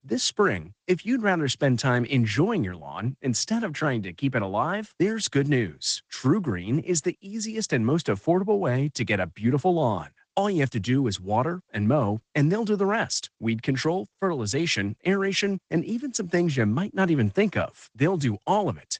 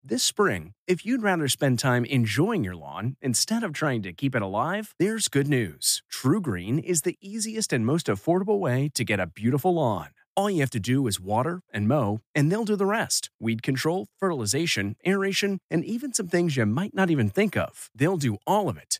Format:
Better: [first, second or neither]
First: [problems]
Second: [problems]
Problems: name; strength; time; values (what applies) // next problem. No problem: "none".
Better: second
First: garbled, watery; slightly; nothing above 8 kHz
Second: none